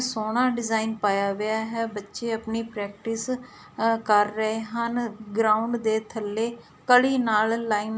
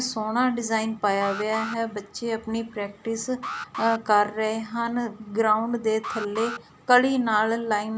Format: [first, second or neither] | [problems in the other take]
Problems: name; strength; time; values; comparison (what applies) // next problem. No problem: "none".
first | background sound (Alarm); 12 dB below the speech